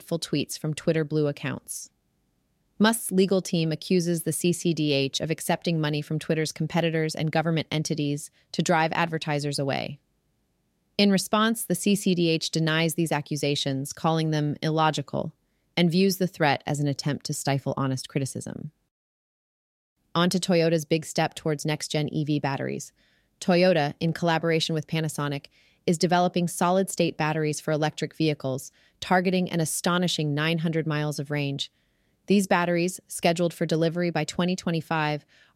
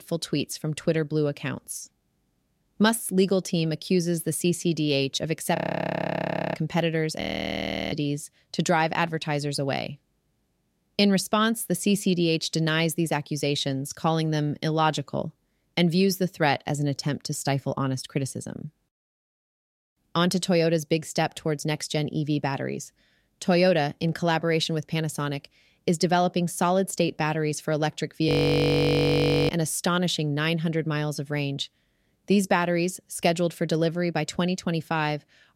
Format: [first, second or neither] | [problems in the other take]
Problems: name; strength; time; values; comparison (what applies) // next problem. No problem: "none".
first | audio freezing; at 5.5 s for 1 s, at 7 s for 0.5 s and at 28 s for 1 s